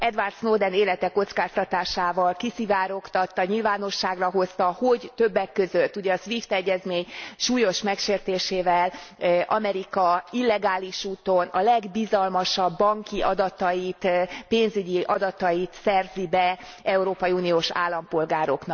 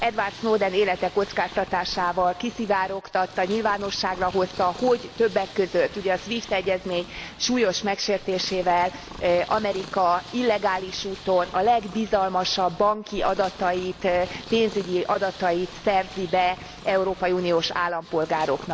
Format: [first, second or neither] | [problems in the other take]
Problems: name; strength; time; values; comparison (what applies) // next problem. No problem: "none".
first | background sound (Purr); 17 dB below the speech